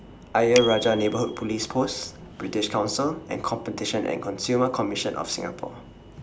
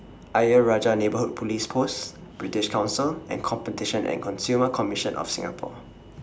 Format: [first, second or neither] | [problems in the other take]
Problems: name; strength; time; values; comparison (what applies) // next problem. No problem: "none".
second | background sound (Bicycle bell); 11 dB below the speech